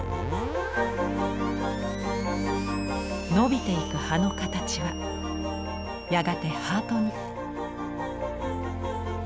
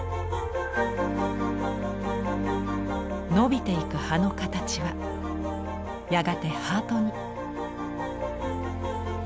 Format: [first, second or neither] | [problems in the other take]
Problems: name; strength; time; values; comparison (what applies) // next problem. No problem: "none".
second | background sound (Screech); 15 dB below the speech